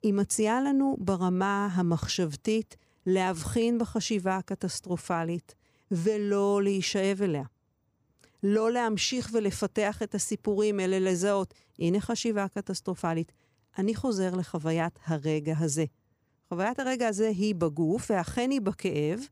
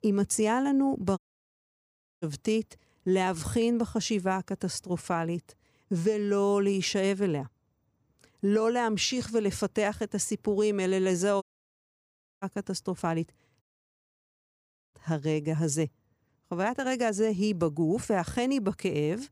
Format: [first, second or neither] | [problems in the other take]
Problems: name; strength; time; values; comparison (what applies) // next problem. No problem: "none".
first | audio cutting out; at 1 s for 1 s, at 11 s for 1 s and at 14 s for 1.5 s